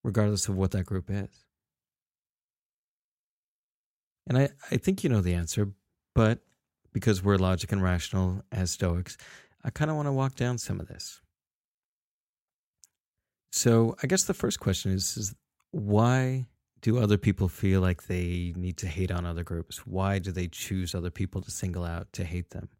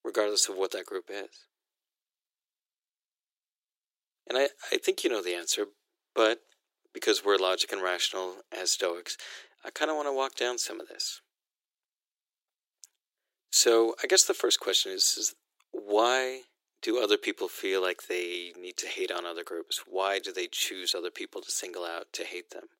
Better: first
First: none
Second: thin; very; fading below 350 Hz

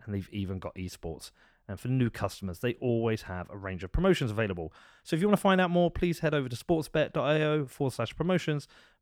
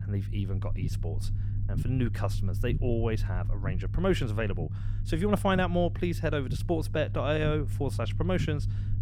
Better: first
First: none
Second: low rumble; noticeable; throughout; 15 dB below the speech

